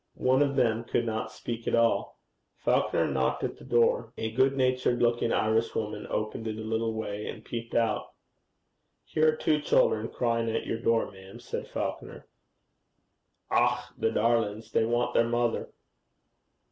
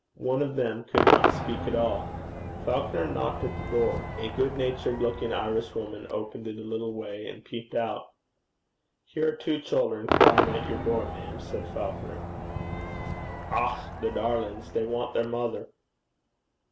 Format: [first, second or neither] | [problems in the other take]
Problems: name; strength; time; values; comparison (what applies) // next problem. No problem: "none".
first | background sound (Crowd / Cheering / Fireworks); 1 dB below the speech